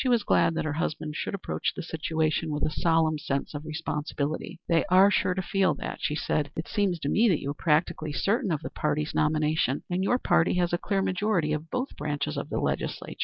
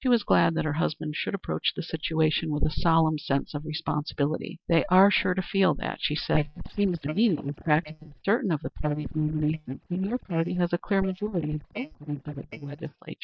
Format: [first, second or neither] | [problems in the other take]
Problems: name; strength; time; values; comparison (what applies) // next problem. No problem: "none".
first | noise reduction (neural mask model DeepFilterNet 3)